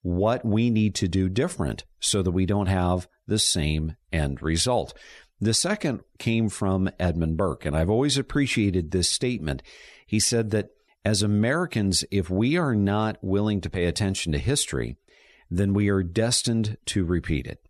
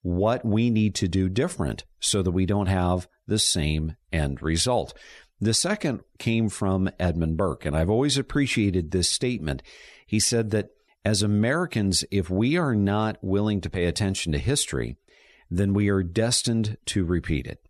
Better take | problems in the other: neither | none

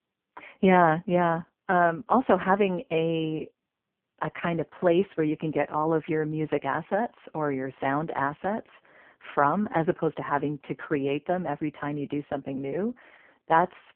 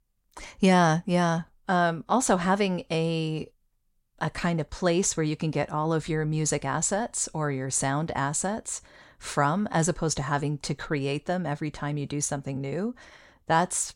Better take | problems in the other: second | phone-call audio; poor line; nothing above 3 kHz

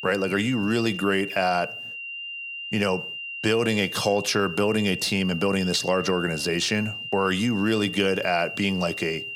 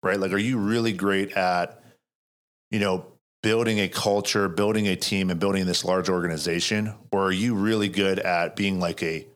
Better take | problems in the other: second | high-pitched whine; loud; throughout; 3 kHz, 8 dB below the speech

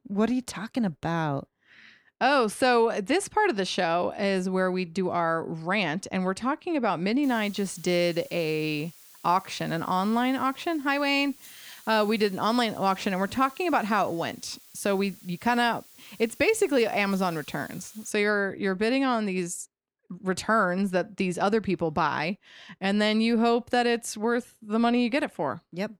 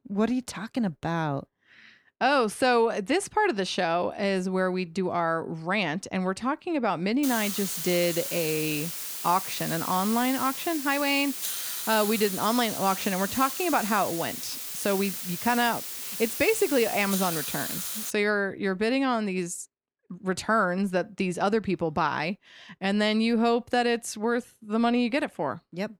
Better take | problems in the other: first | hiss; loud; from 7 to 18 s; 5 dB below the speech; faint in the first

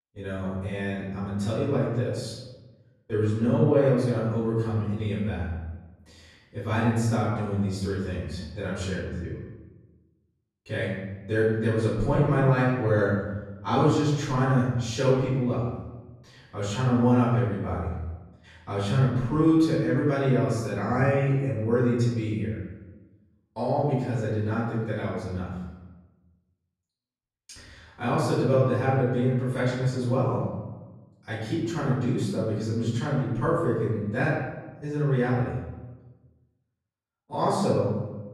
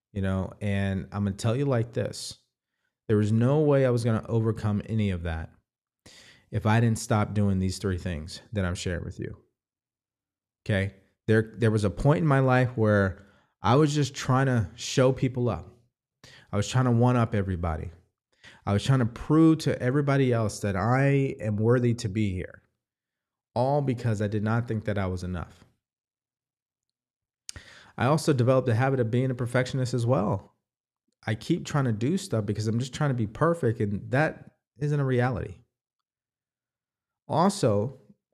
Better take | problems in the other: second | off-mic speech; far // room echo; noticeable; dies away in 1 s

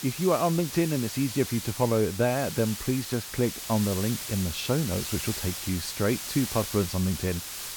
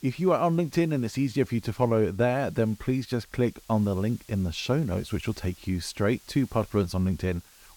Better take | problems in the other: second | hiss; loud; throughout; 6 dB below the speech; faint in the second

